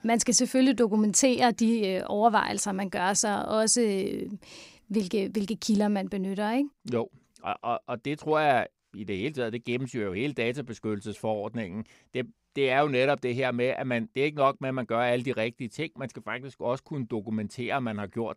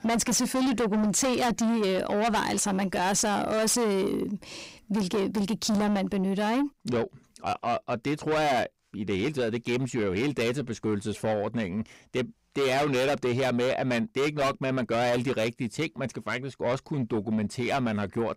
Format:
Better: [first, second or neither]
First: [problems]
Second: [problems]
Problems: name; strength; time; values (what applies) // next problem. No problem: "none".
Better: first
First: none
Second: distortion; heavy; 6 dB below the speech